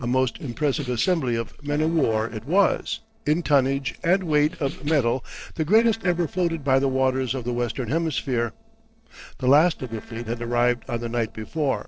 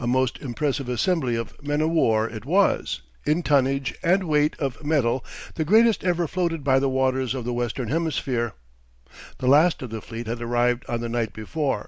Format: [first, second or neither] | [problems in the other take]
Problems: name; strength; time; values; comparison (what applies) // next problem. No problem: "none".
second | noise reduction (neural separator model SepFormer DNS4)